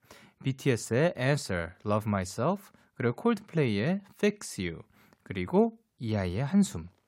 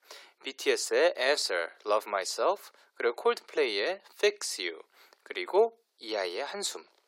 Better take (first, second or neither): first